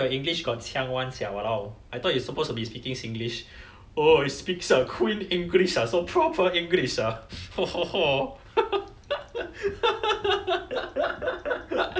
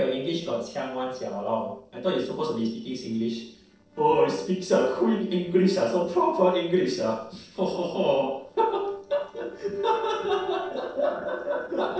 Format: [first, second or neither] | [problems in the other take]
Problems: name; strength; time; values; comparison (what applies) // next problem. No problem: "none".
first | noise reduction (neural separator model SepFormer DNS4)